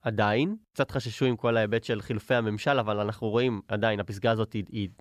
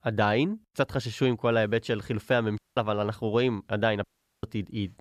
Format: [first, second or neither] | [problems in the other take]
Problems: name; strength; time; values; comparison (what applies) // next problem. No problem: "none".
first | audio cutting out; at 2.5 s and at 4 s